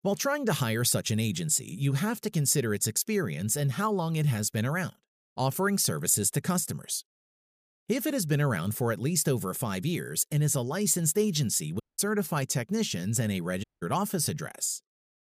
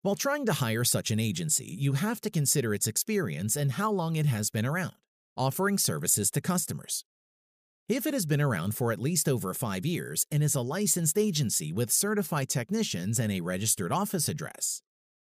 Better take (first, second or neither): second